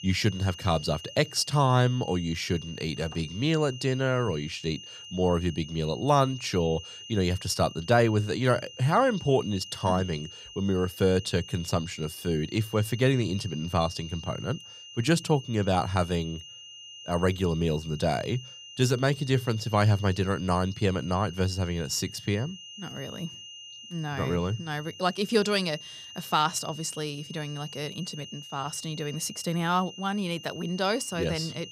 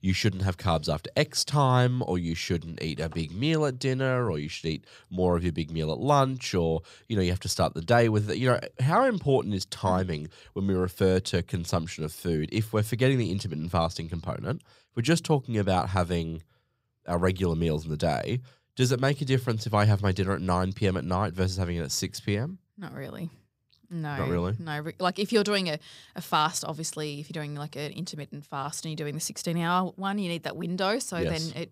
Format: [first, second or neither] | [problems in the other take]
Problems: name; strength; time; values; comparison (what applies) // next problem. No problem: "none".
second | high-pitched whine; noticeable; throughout; 3 kHz, 15 dB below the speech